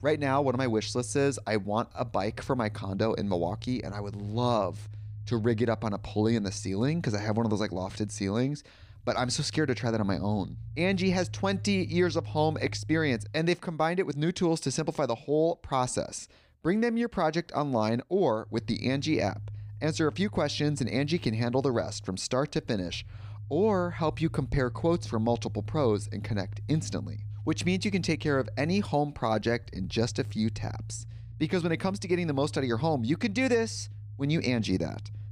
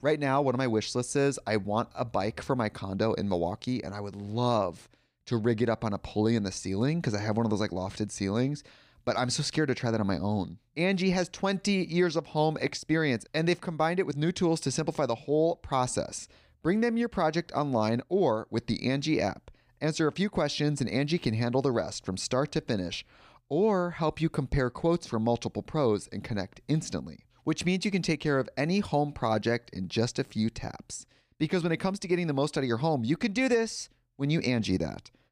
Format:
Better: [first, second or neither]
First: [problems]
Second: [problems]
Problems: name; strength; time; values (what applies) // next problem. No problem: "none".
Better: second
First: low rumble; faint; until 13 s and from 18 s on; 25 dB below the speech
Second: none